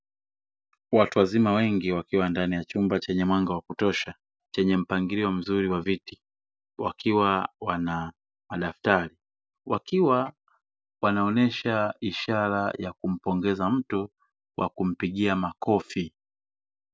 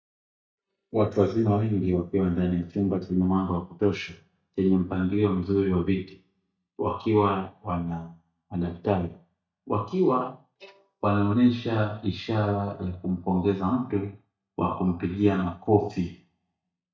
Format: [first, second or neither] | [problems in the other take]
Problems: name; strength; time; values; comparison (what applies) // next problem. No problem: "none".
first | noise reduction (neural mask model DeepFilterNet 3)